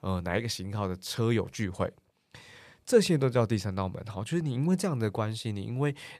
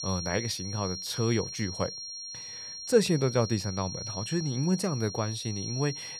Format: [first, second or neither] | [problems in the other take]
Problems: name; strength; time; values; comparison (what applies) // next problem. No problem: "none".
first | high-pitched whine; loud; throughout; 5.5 kHz, 7 dB below the speech